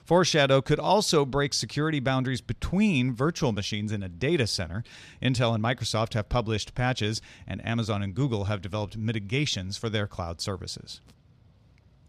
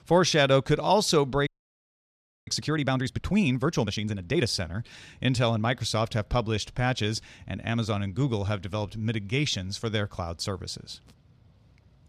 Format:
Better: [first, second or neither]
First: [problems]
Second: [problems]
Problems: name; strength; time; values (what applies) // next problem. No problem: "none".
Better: first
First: none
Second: audio freezing; at 1.5 s for 1 s